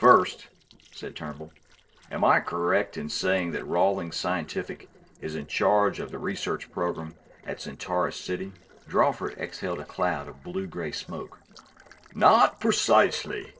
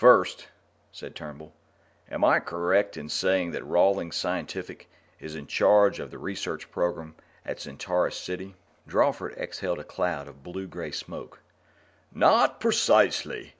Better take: second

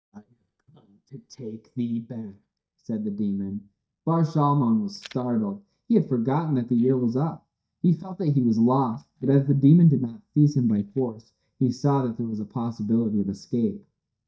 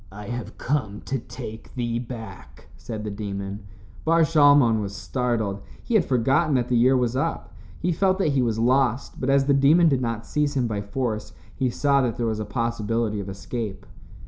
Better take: second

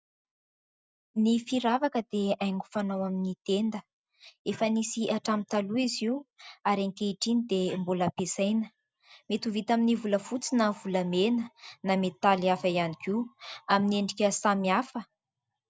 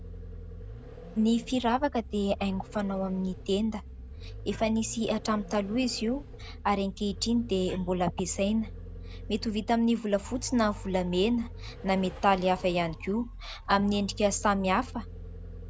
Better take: first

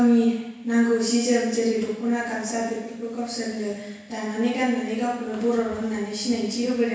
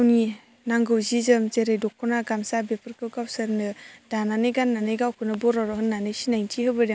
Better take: second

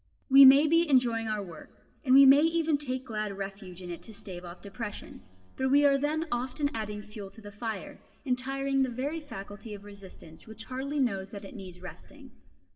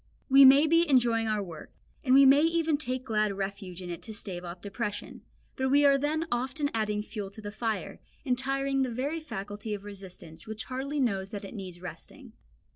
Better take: second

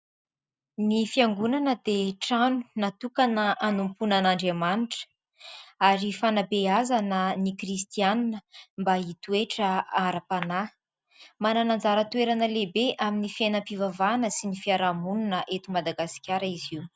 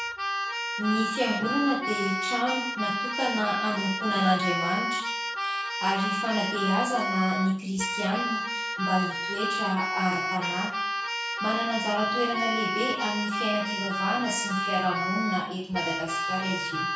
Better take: first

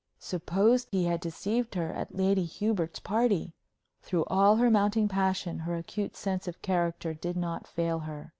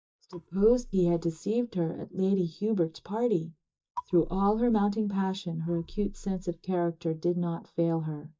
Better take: first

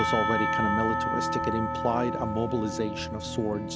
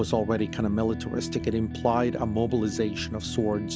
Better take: second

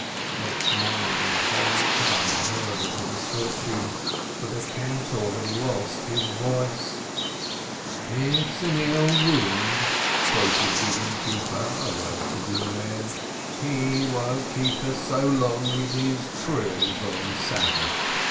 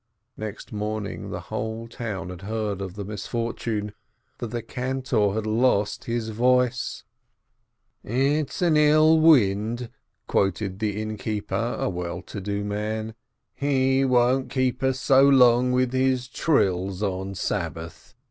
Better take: second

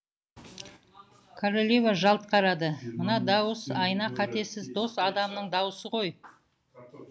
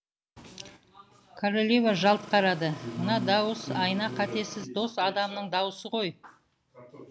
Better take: first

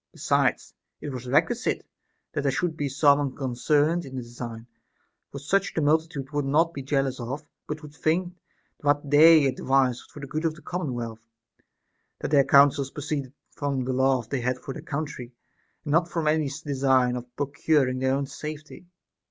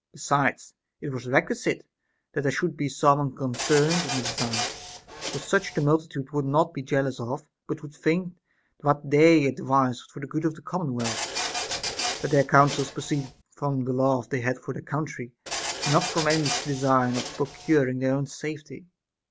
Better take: first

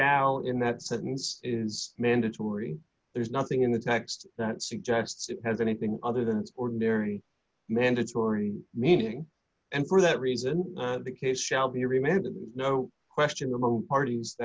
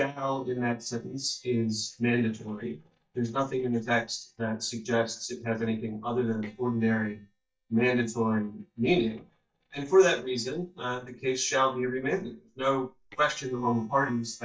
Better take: first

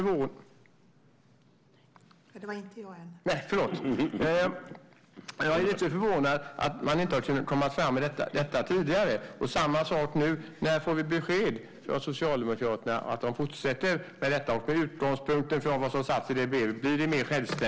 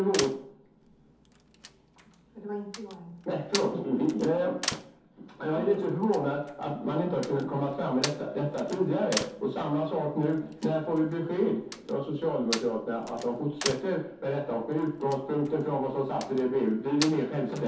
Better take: first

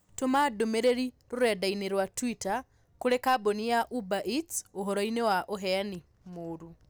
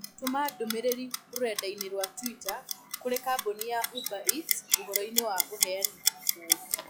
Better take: first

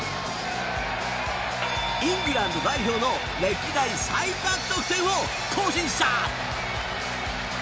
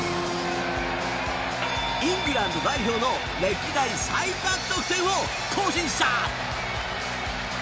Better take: first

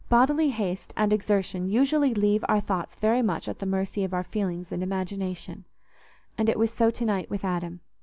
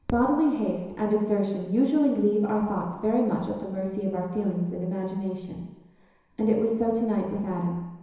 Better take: first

